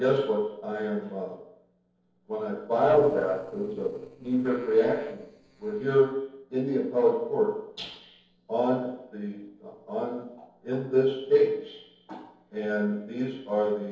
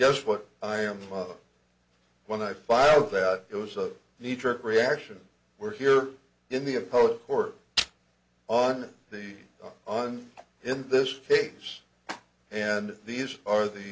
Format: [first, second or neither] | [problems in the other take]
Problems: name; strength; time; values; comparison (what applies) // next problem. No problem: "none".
second | noise reduction (neural separator model SepFormer DNS4)